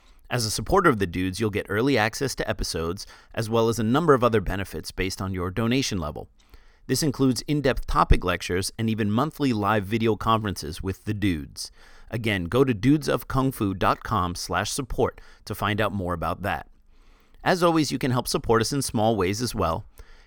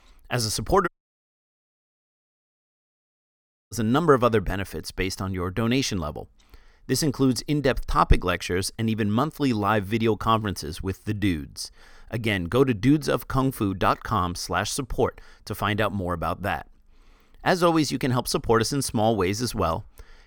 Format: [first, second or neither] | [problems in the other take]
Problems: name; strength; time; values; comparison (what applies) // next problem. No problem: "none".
first | audio cutting out; at 1 s for 3 s